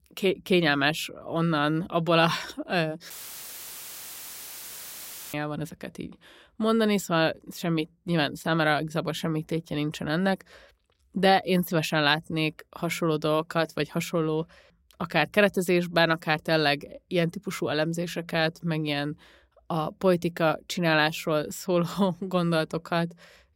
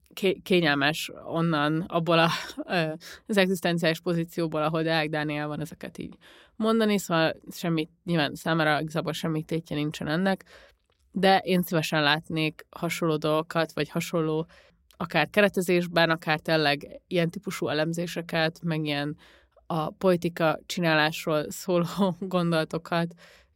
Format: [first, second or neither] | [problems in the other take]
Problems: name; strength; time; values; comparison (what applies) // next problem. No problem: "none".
second | audio cutting out; filled with static; at 3 s for 2 s